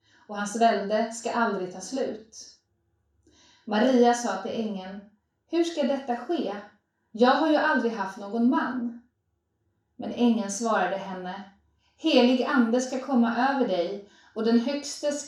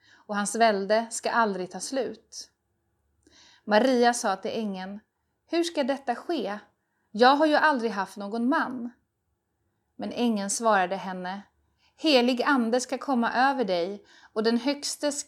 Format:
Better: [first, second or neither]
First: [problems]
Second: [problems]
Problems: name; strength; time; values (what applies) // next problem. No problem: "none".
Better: second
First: room echo; noticeable; dies away in 0.4 s // off-mic speech; far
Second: none